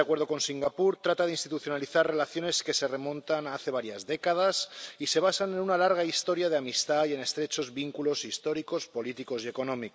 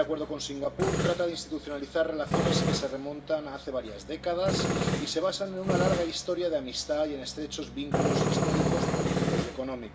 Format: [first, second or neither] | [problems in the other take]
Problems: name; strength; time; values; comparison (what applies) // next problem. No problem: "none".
first | background sound (Tools); 1 dB above the speech // room echo; dies away in 0.6 s